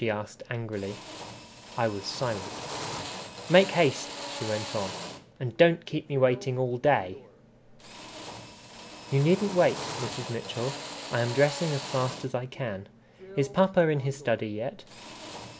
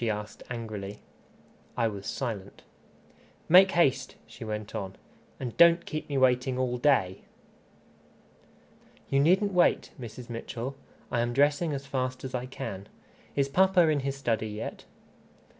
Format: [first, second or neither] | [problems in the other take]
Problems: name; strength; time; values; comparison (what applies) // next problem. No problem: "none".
second | background sound (Drill); 12 dB below the speech